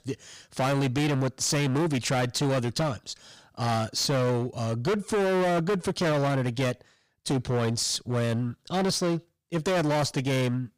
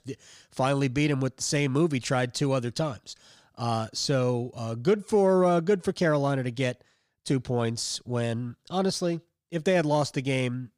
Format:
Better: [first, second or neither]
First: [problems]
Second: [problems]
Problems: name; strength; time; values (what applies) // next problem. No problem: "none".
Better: second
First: distortion; heavy; 23% of the sound clipped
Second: none